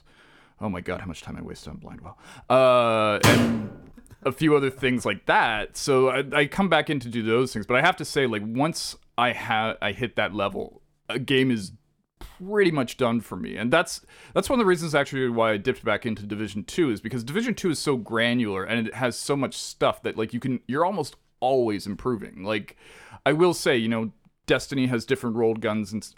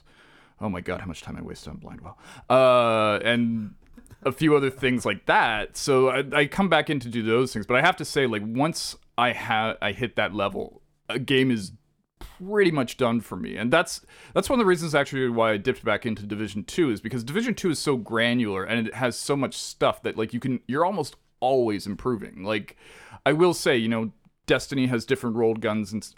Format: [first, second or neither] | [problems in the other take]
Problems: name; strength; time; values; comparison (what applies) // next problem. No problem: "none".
second | door banging; loud; at 3 s; peak 4 dB above the speech